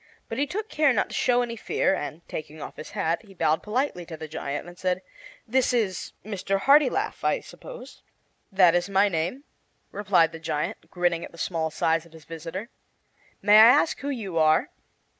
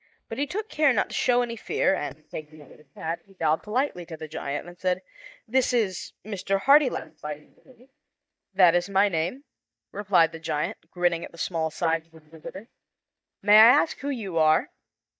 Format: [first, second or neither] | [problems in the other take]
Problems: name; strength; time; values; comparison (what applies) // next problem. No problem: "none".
first | noise reduction (neural mask model DeepFilterNet 3)